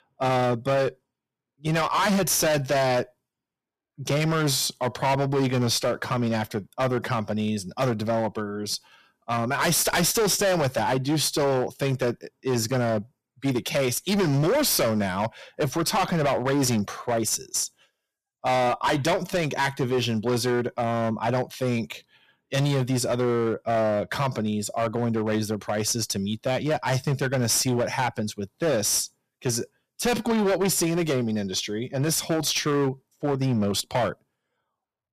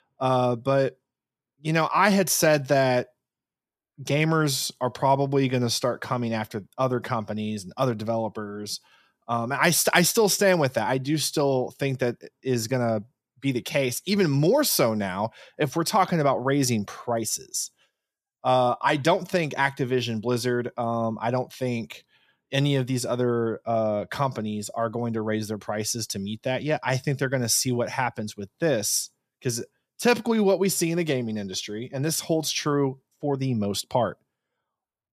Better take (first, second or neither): second